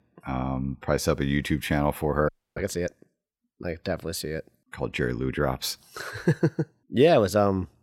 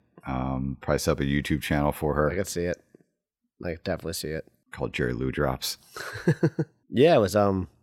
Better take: second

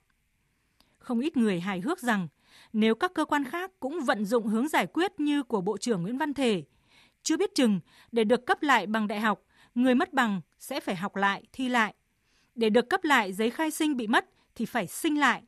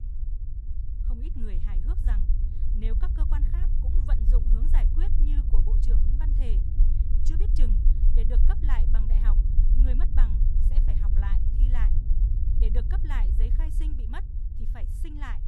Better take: first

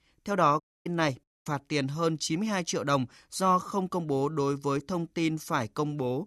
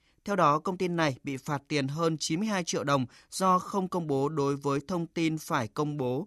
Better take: second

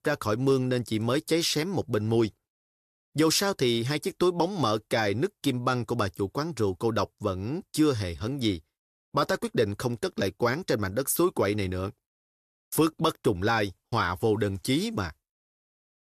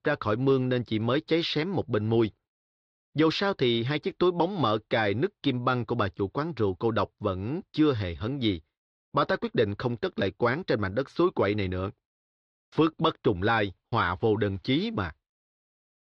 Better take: first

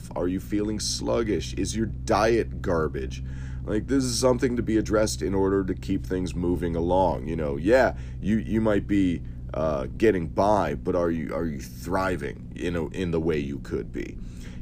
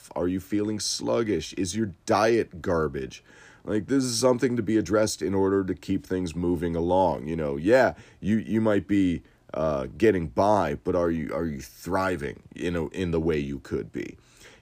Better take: second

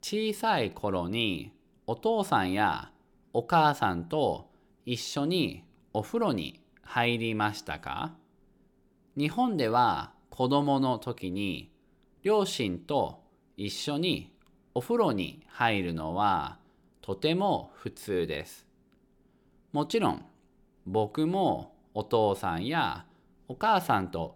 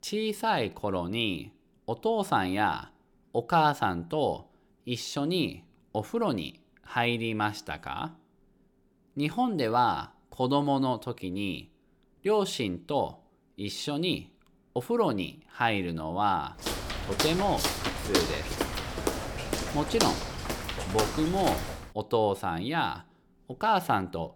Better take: first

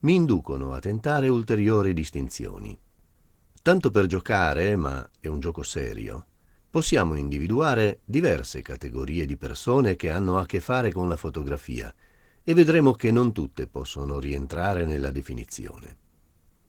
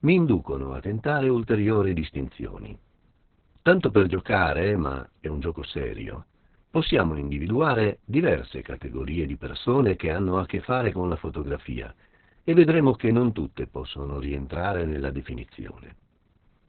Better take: first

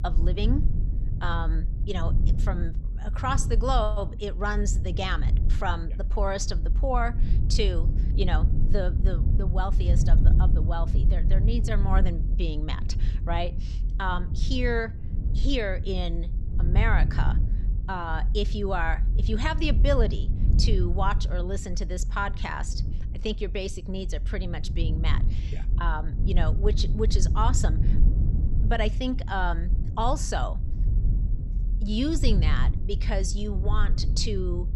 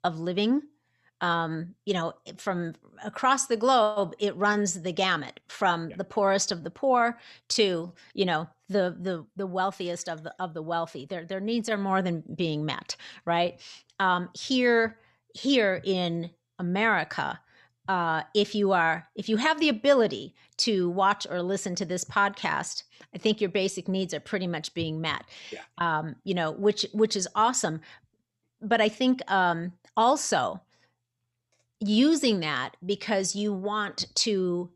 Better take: second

